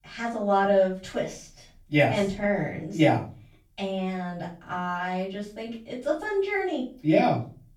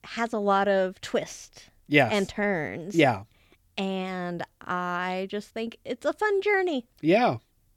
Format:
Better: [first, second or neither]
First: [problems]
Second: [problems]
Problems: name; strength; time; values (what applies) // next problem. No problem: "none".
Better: second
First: off-mic speech; far // room echo; slight; dies away in 0.4 s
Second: none